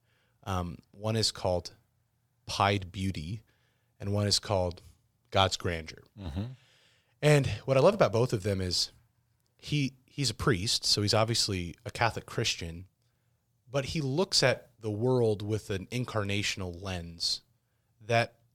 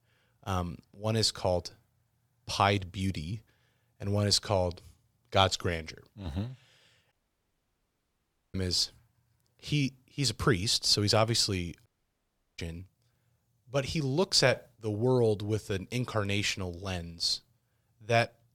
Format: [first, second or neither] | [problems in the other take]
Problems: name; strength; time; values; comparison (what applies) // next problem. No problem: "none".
first | audio cutting out; at 7 s for 1.5 s and at 12 s for 0.5 s